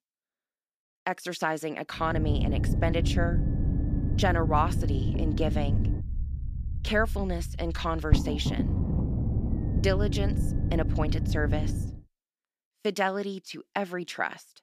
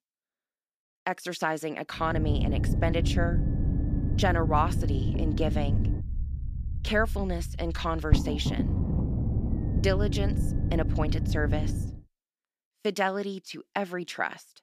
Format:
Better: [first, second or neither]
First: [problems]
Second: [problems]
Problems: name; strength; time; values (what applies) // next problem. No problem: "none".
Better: neither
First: low rumble; loud; from 2 to 12 s; 8 dB below the speech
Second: low rumble; loud; from 2 to 12 s; 8 dB below the speech